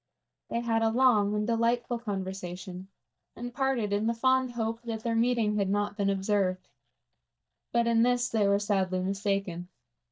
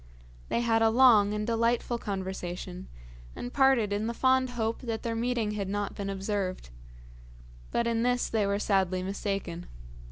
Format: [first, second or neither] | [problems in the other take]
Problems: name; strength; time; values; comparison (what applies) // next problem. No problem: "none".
second | noise reduction (neural mask model DeepFilterNet 3)